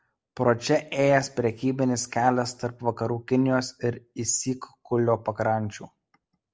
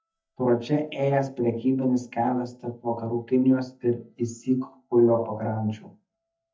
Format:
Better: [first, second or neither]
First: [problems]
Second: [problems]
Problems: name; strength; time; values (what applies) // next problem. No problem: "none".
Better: first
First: none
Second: noise reduction (neural mask model DeepFilterNet 3)